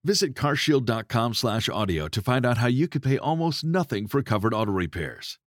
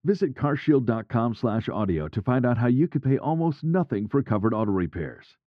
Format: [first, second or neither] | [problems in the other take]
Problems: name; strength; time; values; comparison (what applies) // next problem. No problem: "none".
first | muffled; very; fading above 1.5 kHz